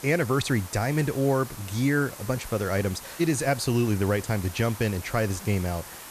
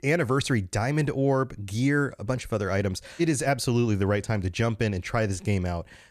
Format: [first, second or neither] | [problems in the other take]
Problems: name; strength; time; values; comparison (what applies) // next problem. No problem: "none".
second | hiss; noticeable; throughout; 15 dB below the speech